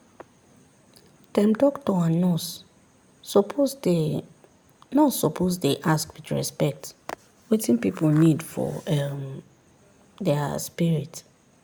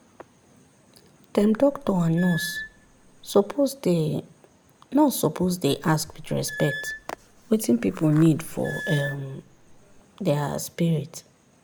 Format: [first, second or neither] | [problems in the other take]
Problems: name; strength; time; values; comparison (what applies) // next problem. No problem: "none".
first | background sound (Squeak / Screech); 13 dB below the speech